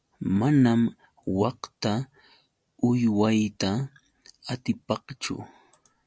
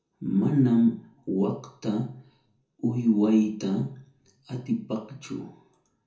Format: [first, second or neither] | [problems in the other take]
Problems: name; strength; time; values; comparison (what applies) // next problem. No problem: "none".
first | room echo; dies away in 0.6 s